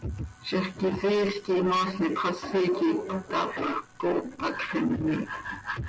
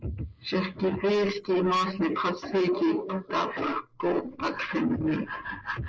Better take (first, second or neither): first